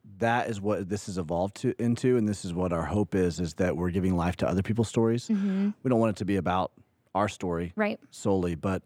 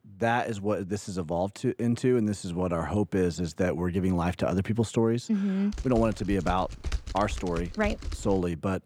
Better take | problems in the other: first | keyboard typing; noticeable; from 5.5 s on; peak 8 dB below the speech

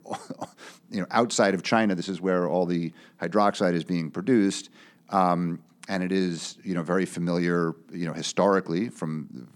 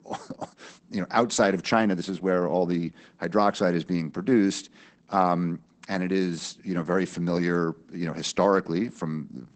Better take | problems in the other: first | garbled, watery; badly; nothing above 8 kHz

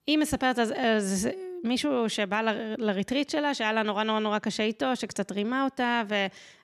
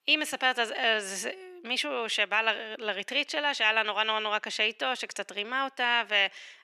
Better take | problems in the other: first | thin; very; fading below 500 Hz

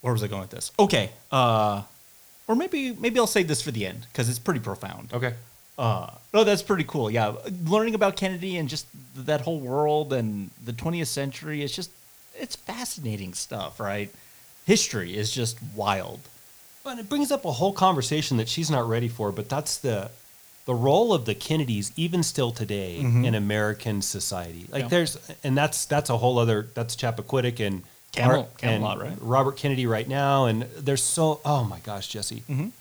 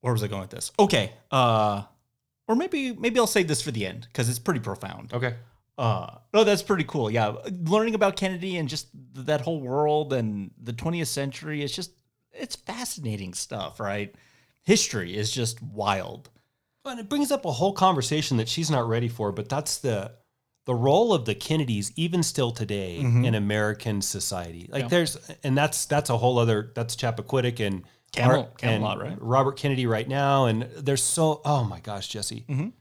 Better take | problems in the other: second | hiss; faint; throughout; 25 dB below the speech

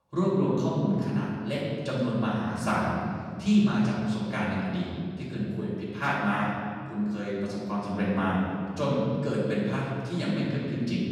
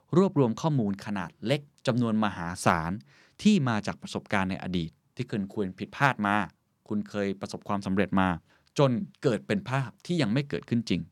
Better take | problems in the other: second | off-mic speech; far // room echo; strong; dies away in 2.2 s

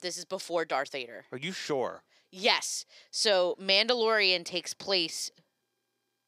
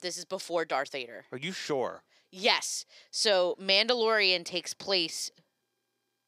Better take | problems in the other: neither | thin; somewhat; fading below 400 Hz; the same in both

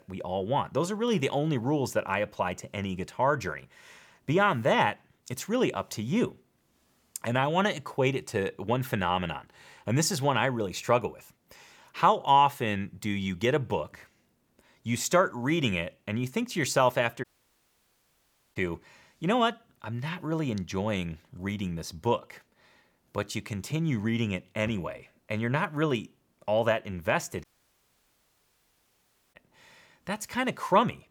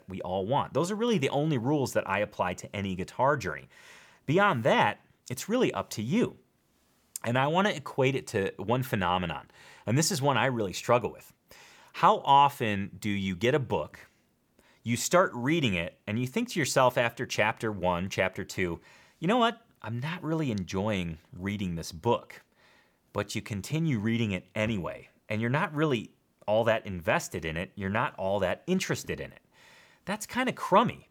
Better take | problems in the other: second | audio cutting out; at 17 s for 1.5 s and at 27 s for 2 s

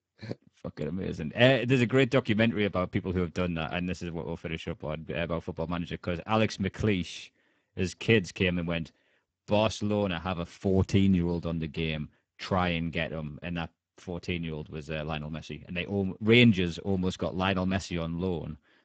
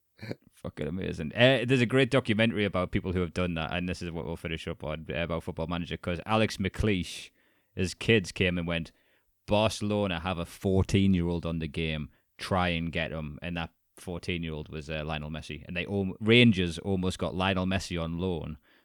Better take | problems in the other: second | garbled, watery; badly; nothing above 8 kHz

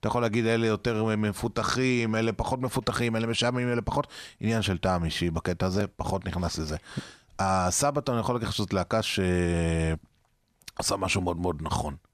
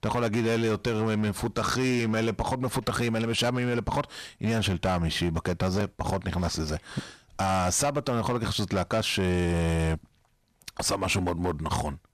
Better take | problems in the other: first | distortion; slight; 10% of the sound clipped

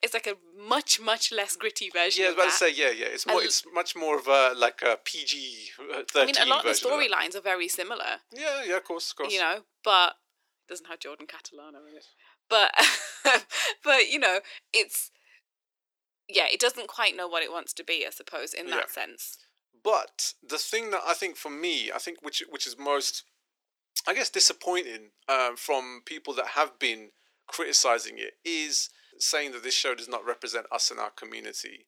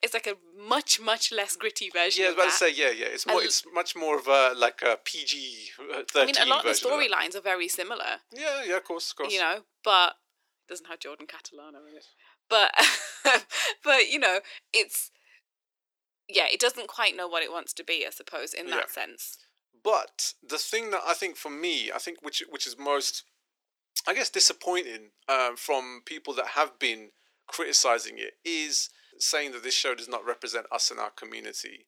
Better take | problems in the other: neither | thin; very; fading below 400 Hz; the same in both

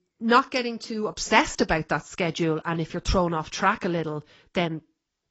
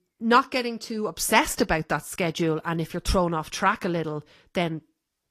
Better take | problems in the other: second | garbled, watery; badly; nothing above 7.5 kHz; slightly in the second

